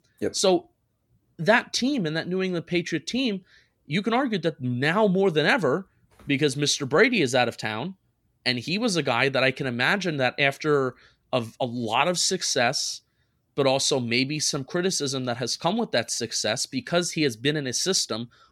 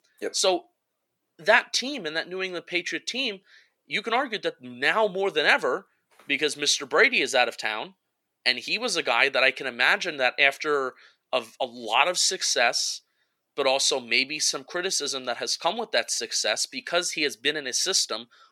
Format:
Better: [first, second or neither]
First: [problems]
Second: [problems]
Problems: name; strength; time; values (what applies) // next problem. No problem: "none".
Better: first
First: none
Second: thin; somewhat; fading below 500 Hz